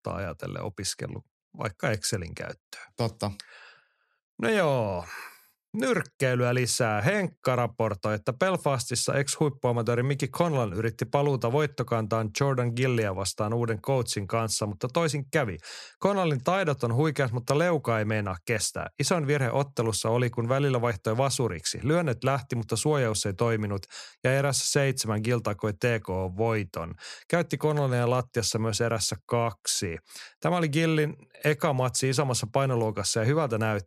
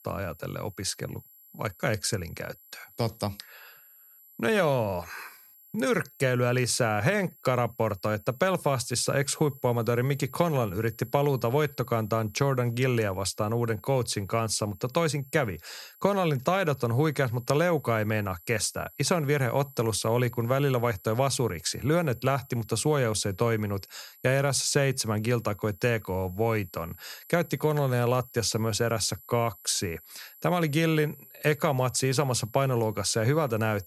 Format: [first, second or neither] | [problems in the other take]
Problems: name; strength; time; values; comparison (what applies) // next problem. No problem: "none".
first | high-pitched whine; faint; throughout; 12 kHz, 25 dB below the speech